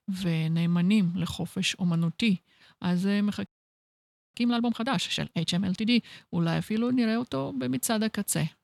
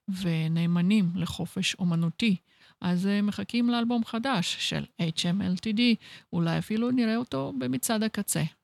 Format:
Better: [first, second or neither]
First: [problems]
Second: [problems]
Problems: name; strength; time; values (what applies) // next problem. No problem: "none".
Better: second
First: audio freezing; at 3.5 s for 1 s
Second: none